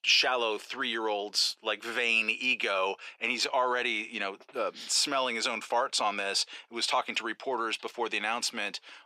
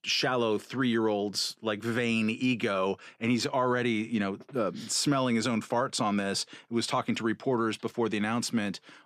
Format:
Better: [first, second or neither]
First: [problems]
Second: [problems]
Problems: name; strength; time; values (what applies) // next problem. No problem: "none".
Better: second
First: thin; very; fading below 600 Hz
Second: none